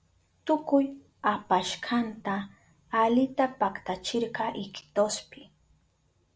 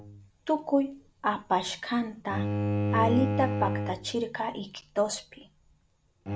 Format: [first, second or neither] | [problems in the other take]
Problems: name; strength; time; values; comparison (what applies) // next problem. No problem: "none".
first | background sound (Bowed string instrument); 3 dB below the speech